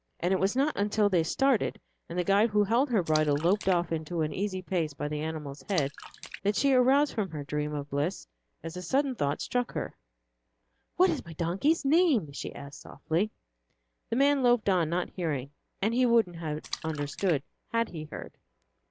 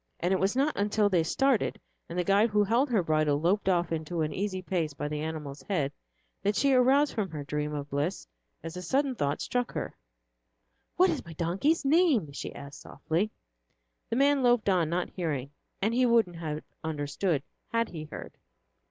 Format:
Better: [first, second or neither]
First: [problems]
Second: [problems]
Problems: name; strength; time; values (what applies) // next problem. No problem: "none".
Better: second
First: background sound (Splash, splatter); 17 dB below the speech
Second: none